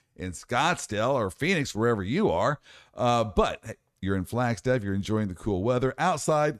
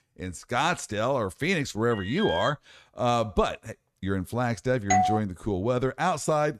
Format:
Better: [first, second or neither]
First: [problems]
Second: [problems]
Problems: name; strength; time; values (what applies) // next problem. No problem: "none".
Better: first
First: none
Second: alarm; noticeable; at 2 s; peak 5 dB below the speech // doorbell; loud; at 5 s; peak 3 dB above the speech